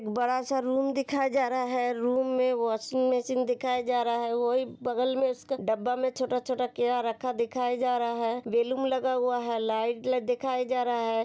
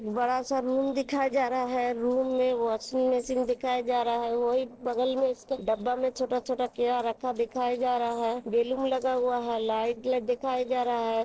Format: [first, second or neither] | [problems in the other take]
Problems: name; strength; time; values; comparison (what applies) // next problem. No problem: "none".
first | noise reduction (neural separator model SepFormer DNS4)